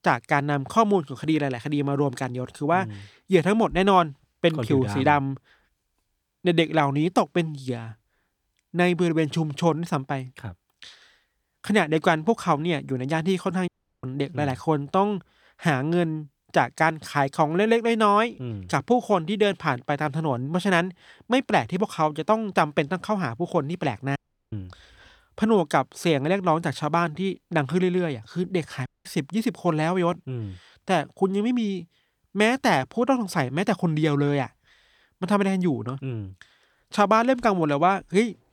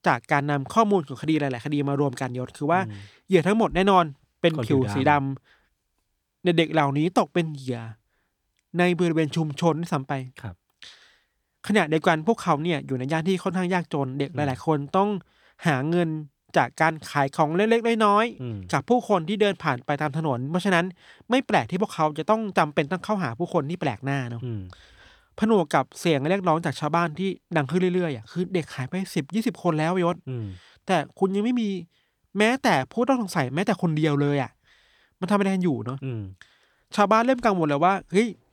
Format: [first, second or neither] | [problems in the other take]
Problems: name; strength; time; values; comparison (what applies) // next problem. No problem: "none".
second | audio cutting out; at 14 s, at 24 s and at 29 s